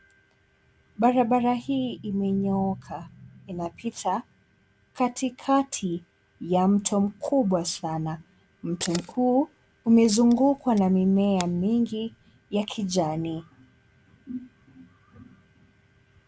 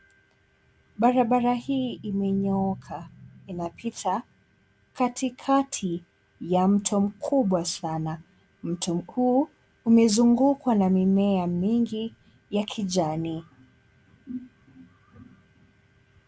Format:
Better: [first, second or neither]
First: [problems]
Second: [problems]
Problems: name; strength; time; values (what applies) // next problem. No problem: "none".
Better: second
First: background sound (Camera); 18 dB below the speech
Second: none